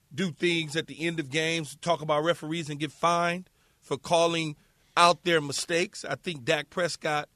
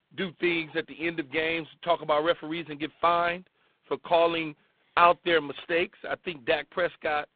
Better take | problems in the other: first | phone-call audio; poor line; nothing above 3.5 kHz

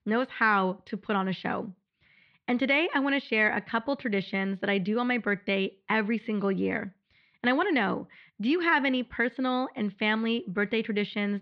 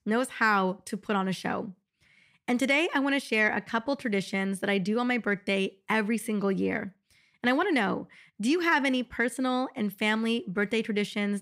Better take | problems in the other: second | muffled; very slightly; fading above 4 kHz

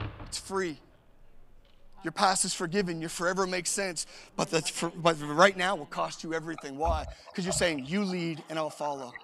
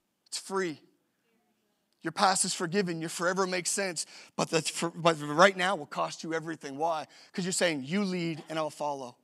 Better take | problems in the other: second | household noises; noticeable; throughout; 15 dB below the speech

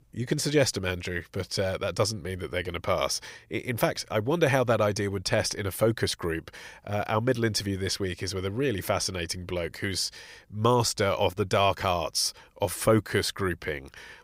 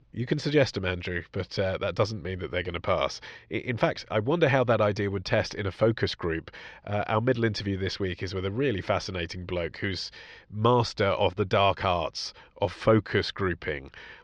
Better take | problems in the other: first | muffled; very slightly; fading above 4.5 kHz

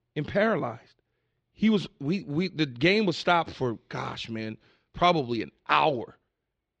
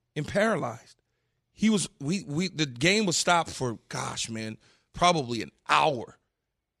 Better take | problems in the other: second | muffled; slightly; fading above 4 kHz

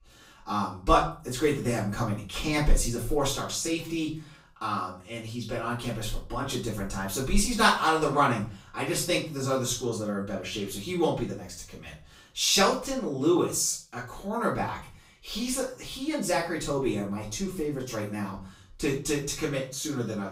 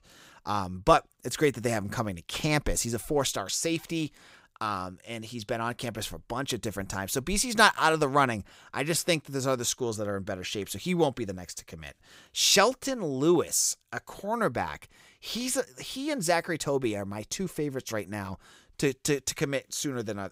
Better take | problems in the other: second | off-mic speech; far // room echo; slight; dies away in 0.4 s

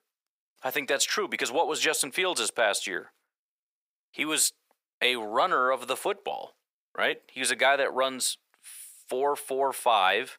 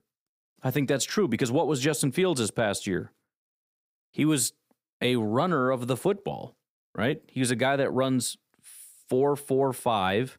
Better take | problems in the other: second | thin; very; fading below 700 Hz

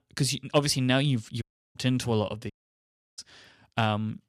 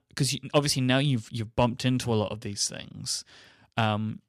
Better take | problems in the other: second | audio cutting out; at 1.5 s and at 2.5 s for 0.5 s

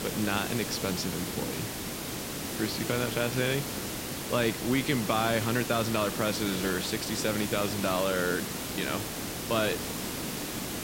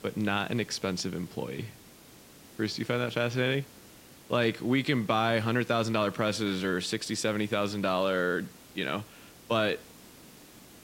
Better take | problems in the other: second | hiss; loud; throughout; 3 dB below the speech; faint in the second

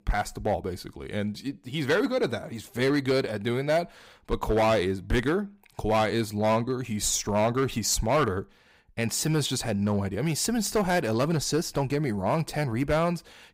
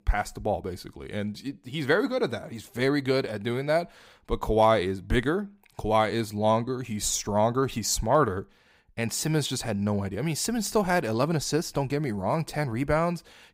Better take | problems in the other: second | distortion; slight; 5% of the sound clipped

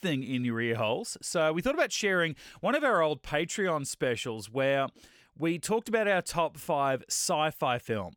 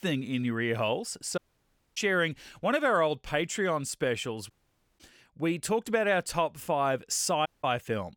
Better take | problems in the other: first | audio cutting out; at 1.5 s for 0.5 s, at 4.5 s and at 7.5 s

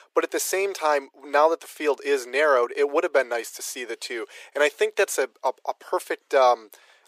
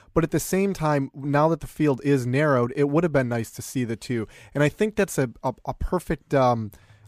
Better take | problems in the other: second | thin; very; fading below 400 Hz

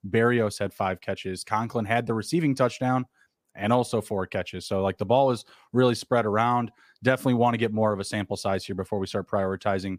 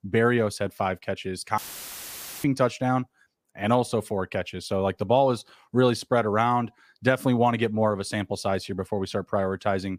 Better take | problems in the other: first | audio cutting out; filled with static; at 1.5 s for 1 s

